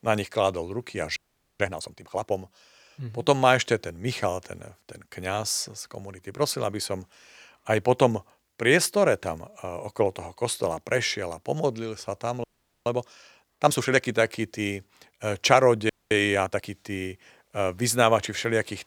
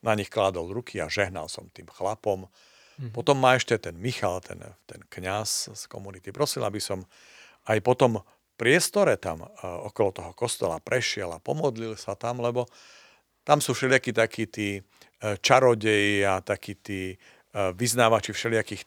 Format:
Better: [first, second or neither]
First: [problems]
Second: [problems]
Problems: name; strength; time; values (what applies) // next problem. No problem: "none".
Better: second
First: audio freezing; at 1 s, at 12 s and at 16 s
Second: none